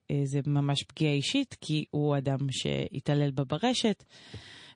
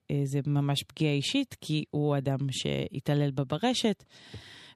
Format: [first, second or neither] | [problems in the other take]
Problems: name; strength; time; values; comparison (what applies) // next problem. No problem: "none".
second | garbled, watery; slightly; nothing above 9 kHz